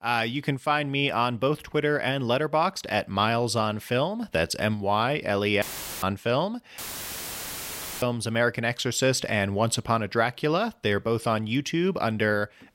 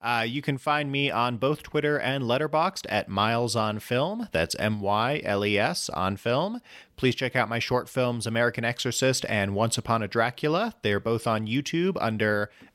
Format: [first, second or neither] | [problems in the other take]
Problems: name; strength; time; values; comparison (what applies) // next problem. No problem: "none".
second | audio cutting out; filled with static; at 5.5 s and at 7 s for 1 s